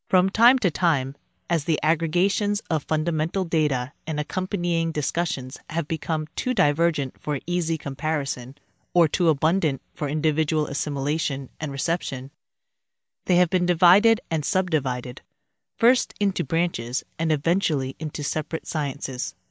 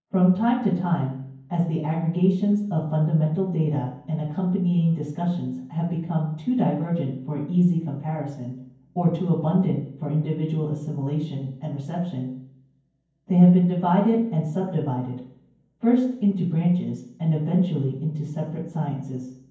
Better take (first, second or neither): first